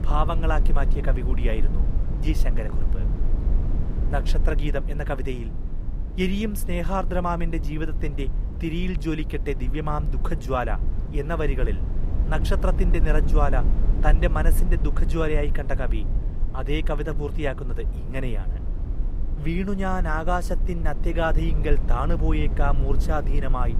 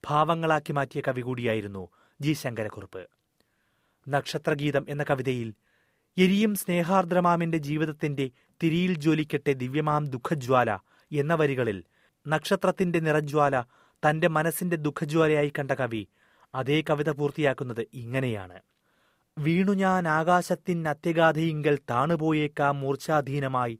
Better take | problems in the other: second | low rumble; noticeable; throughout; 10 dB below the speech

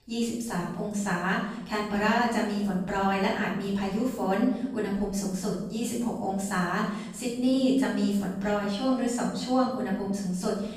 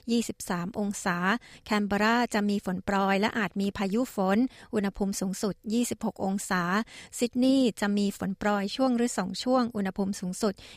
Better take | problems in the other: second | off-mic speech; far // room echo; noticeable; dies away in 0.9 s

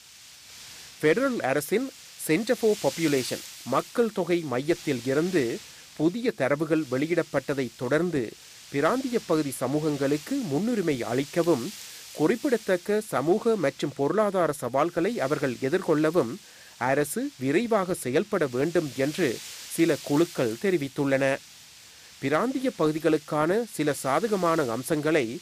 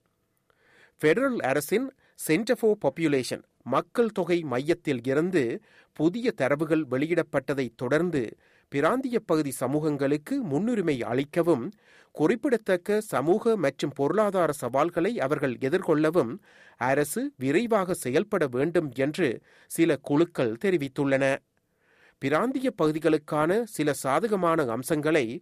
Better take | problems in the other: second | wind noise on the microphone; occasional gusts; 15 dB below the speech

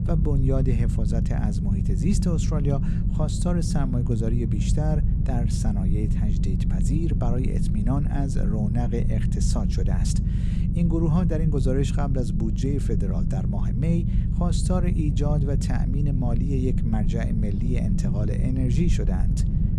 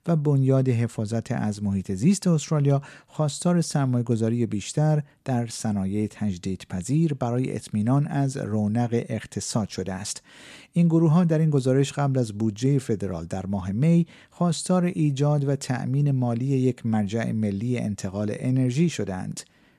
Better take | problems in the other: second | low rumble; loud; throughout; 3 dB below the speech

